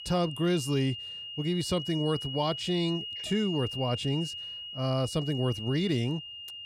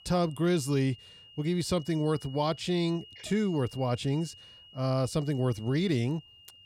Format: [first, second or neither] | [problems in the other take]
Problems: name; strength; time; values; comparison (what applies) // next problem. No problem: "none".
second | high-pitched whine; loud; throughout; 3 kHz, 7 dB below the speech; faint in the second